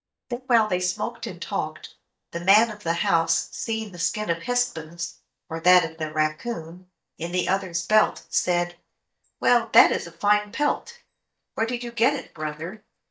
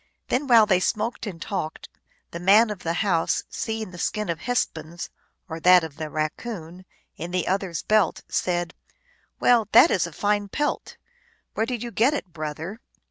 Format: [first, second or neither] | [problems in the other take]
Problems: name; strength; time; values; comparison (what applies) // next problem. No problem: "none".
second | noise reduction (neural mask model DeepFilterNet 3)